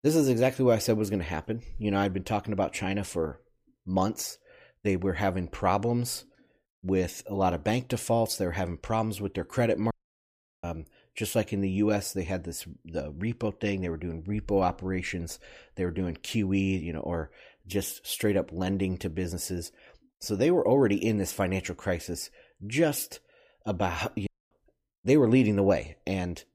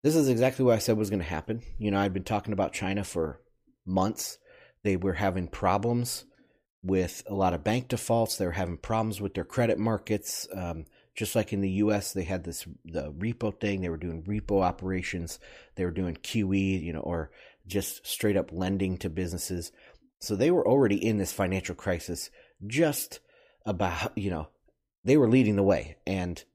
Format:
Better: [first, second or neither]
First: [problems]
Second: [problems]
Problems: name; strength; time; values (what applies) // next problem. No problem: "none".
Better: second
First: audio cutting out; at 10 s for 0.5 s and at 24 s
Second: none